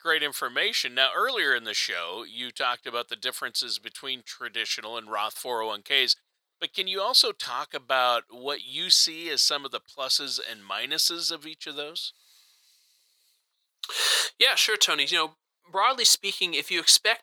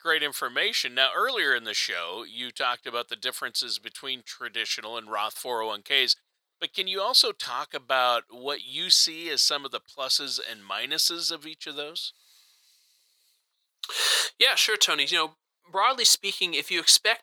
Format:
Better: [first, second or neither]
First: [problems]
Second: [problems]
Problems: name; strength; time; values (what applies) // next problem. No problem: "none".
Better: neither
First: thin; very; fading below 800 Hz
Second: thin; very; fading below 800 Hz